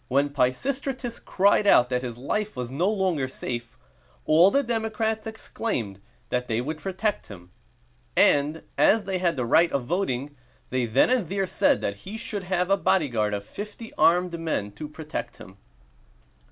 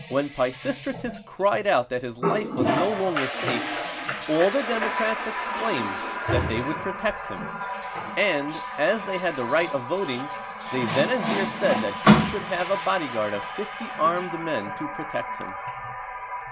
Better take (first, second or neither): first